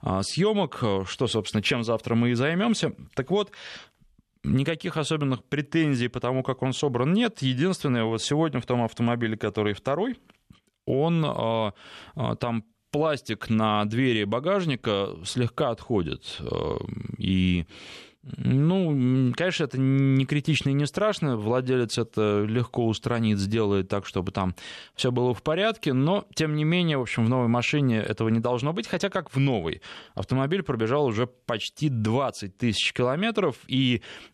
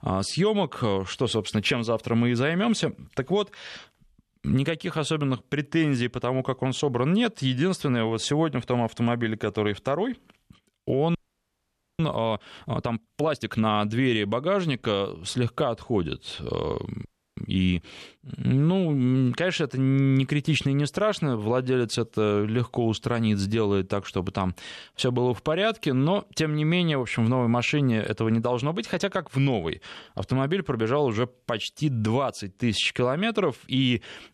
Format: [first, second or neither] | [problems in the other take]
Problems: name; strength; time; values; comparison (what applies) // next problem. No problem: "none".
first | audio freezing; at 11 s for 1 s and at 17 s